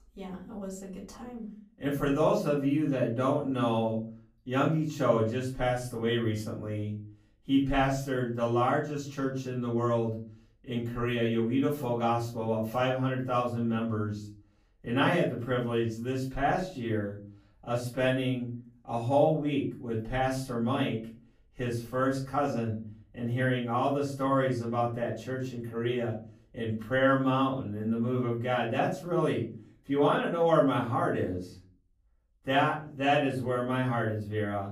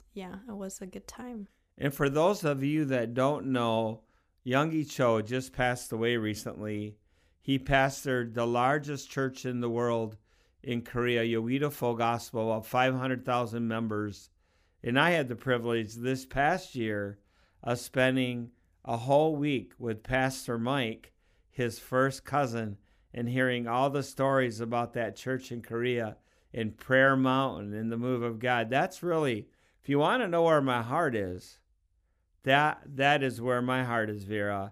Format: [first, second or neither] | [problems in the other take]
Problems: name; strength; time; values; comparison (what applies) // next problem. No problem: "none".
second | room echo; slight; dies away in 0.4 s // off-mic speech; far